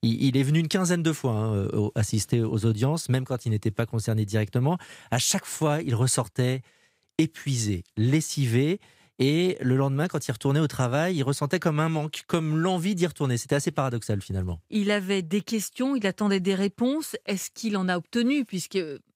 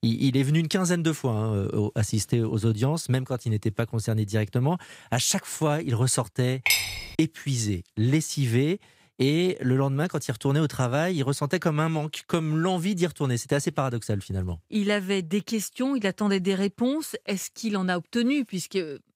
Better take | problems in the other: first | clattering dishes; loud; at 6.5 s; peak 4 dB above the speech

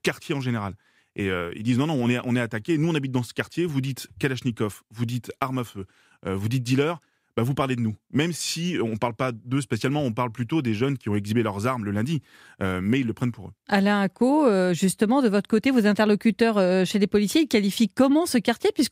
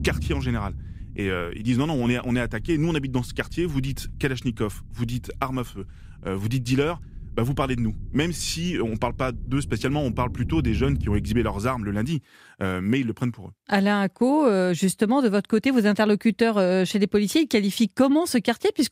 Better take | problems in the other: first | low rumble; faint; until 12 s; 25 dB below the speech

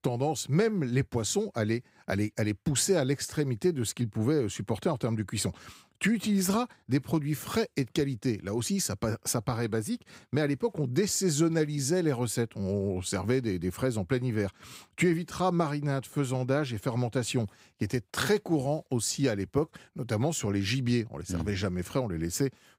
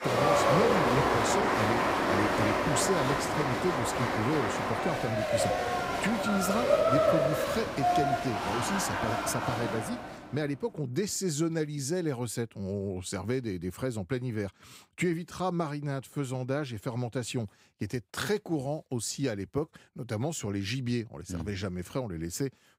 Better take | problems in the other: first | crowd noise; very loud; until 9.5 s; 5 dB above the speech

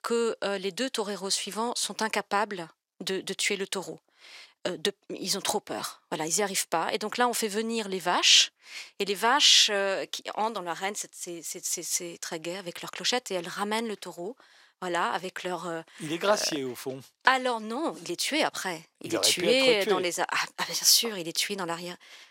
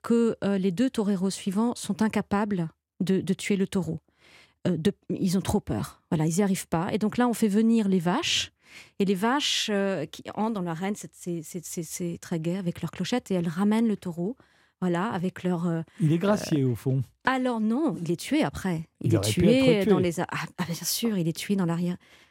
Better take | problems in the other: second | thin; very; fading below 550 Hz

